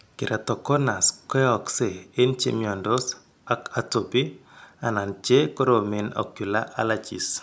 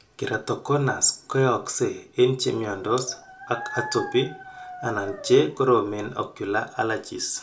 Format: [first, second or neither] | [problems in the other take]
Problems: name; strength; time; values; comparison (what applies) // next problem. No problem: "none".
first | background sound (Dog); 14 dB below the speech // room echo; dies away in 0.2 s